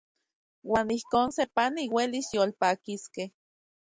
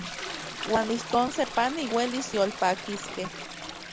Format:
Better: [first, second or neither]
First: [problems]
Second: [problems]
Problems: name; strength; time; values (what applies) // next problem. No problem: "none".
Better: first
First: none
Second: background sound (Toilet flush); 9 dB below the speech